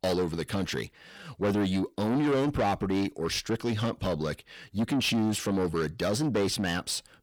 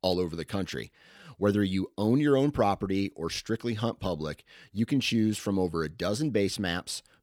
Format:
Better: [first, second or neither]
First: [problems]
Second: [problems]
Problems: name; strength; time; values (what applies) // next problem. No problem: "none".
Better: second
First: distortion; heavy; 8 dB below the speech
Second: none